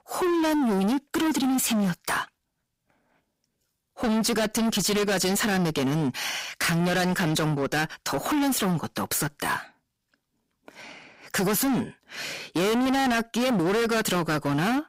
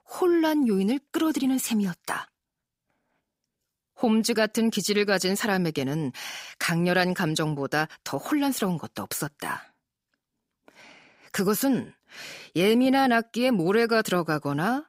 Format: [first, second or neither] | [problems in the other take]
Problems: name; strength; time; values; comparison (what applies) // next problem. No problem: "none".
second | distortion; heavy; 28% of the sound clipped